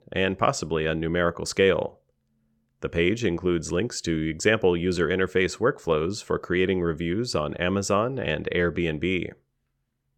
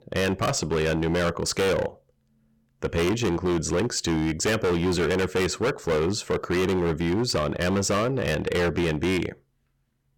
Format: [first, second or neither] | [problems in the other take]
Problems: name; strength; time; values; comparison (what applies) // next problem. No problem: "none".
first | distortion; heavy; 20% of the sound clipped